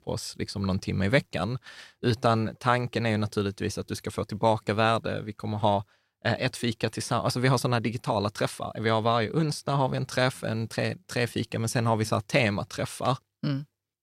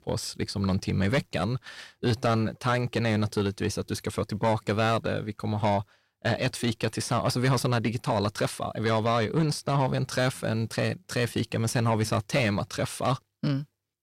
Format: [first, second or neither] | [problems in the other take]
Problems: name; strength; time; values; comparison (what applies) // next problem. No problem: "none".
first | distortion; slight; 10 dB below the speech